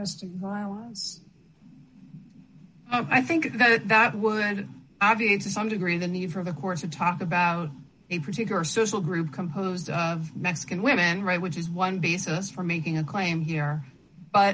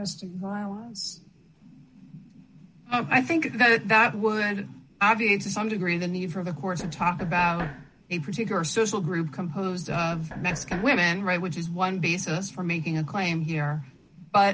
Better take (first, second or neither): first